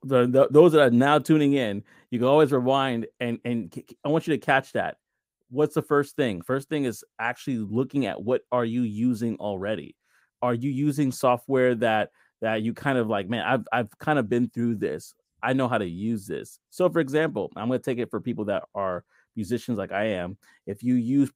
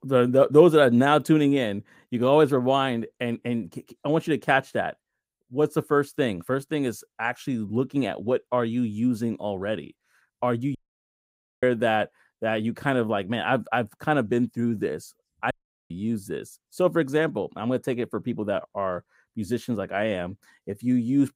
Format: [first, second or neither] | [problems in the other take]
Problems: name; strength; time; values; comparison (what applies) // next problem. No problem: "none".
first | audio cutting out; at 11 s for 1 s and at 16 s